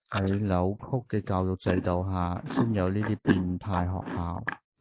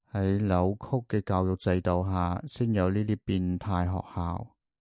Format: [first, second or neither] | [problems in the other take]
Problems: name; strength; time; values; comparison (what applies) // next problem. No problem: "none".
second | noise reduction (neural mask model Resemble Enhance denoiser)